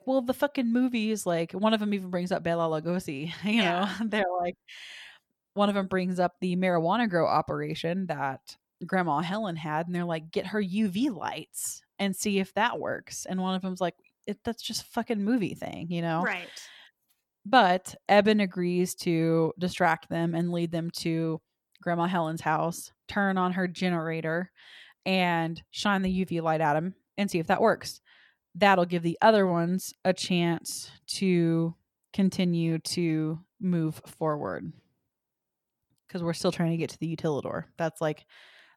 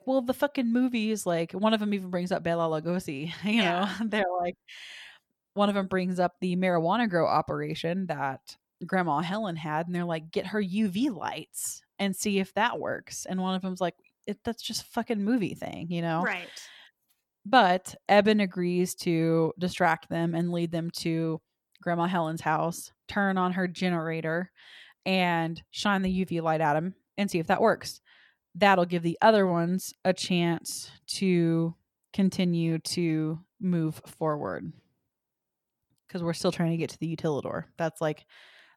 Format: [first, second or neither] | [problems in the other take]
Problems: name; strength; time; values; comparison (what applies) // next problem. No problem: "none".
neither | none